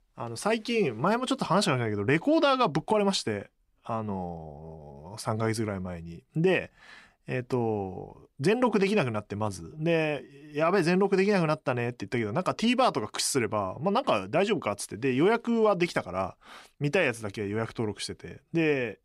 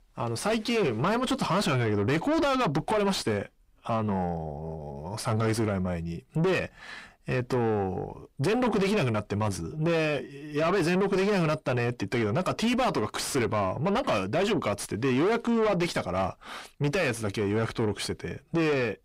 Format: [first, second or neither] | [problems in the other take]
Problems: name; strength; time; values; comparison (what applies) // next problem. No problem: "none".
first | distortion; heavy; 6 dB below the speech